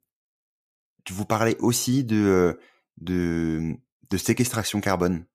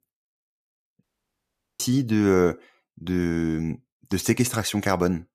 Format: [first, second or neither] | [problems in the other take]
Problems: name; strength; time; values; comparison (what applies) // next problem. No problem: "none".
first | audio cutting out; at 1 s for 1 s